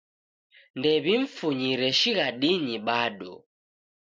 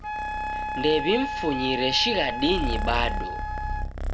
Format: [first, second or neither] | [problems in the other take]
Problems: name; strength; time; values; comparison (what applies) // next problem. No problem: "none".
first | background sound (Purr + Wind instrument, woodwind instrument); 2 dB below the speech